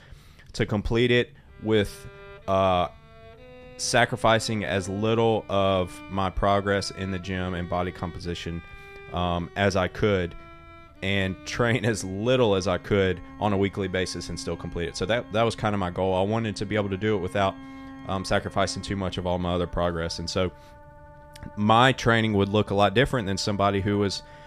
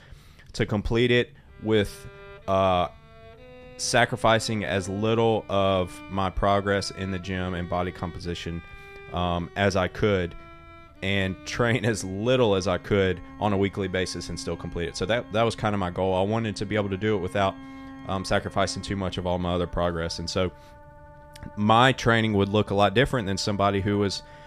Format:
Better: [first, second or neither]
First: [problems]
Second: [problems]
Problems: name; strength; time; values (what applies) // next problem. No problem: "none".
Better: neither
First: background music; faint; throughout; 20 dB below the speech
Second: background music; faint; throughout; 20 dB below the speech